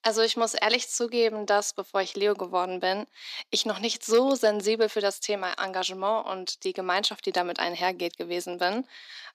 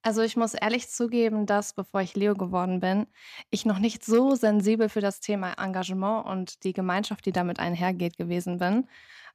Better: second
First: thin; somewhat; fading below 300 Hz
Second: none

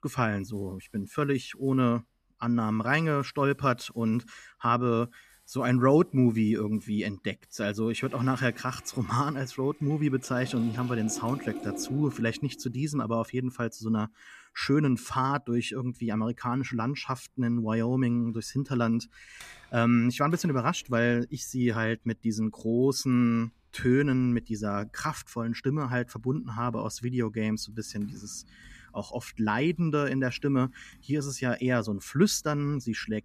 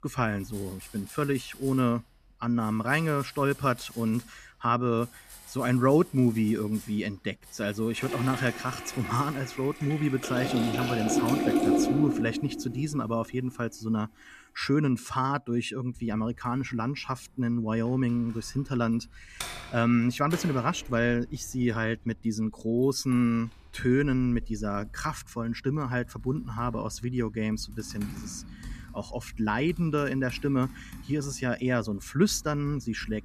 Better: first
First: household noises; faint; throughout; 20 dB below the speech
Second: household noises; loud; throughout; 7 dB below the speech

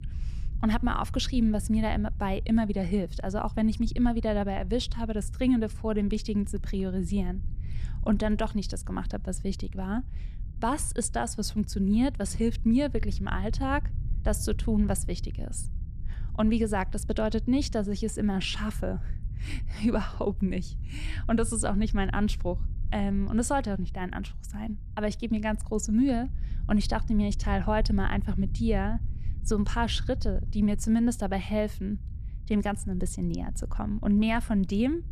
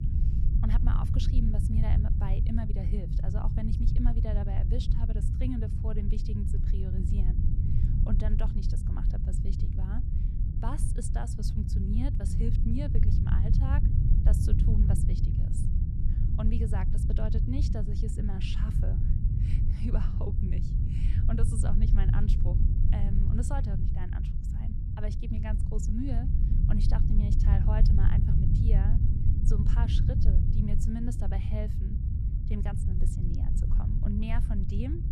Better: first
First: low rumble; faint; throughout; 20 dB below the speech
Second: low rumble; loud; throughout; 1 dB below the speech

